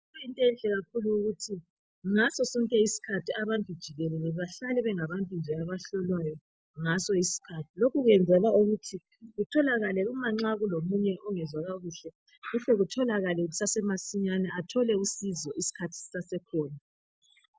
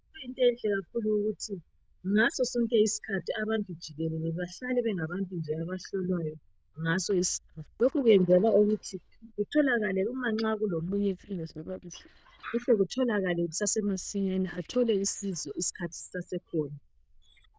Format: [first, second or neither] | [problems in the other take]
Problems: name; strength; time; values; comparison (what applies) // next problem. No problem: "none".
first | noise reduction (neural diffusion model UNIVERSE++)